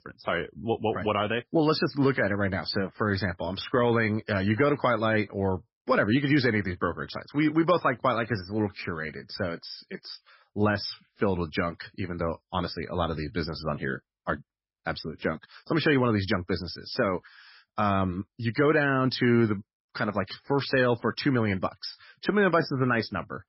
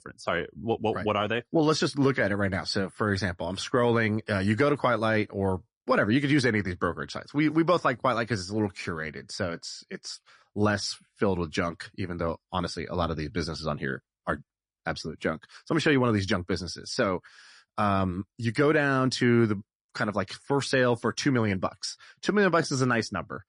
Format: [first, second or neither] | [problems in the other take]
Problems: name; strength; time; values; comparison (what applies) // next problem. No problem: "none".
second | garbled, watery; badly; nothing above 5.5 kHz; slightly in the second